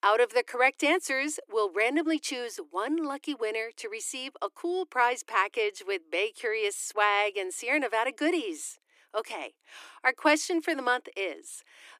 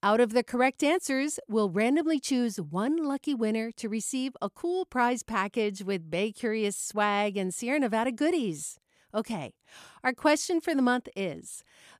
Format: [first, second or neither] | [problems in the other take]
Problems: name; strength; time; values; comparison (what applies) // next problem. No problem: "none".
second | thin; somewhat; fading below 300 Hz